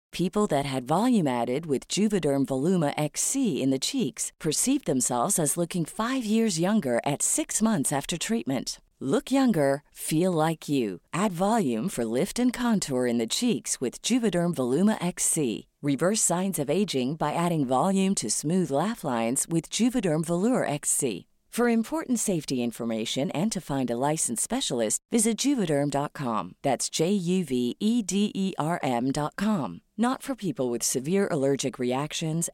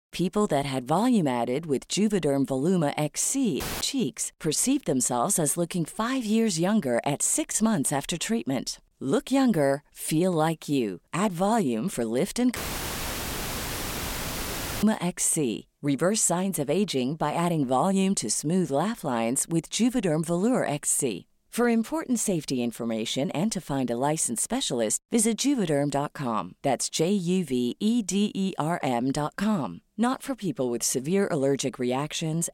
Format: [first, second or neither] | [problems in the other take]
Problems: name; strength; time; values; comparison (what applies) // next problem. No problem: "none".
first | audio cutting out; filled with static; at 3.5 s and at 13 s for 2.5 s